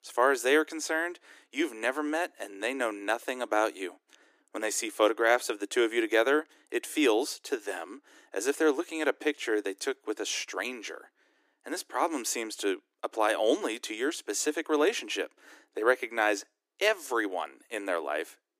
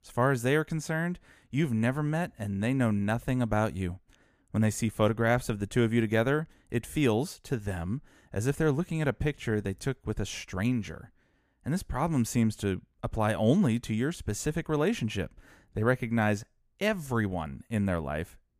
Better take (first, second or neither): second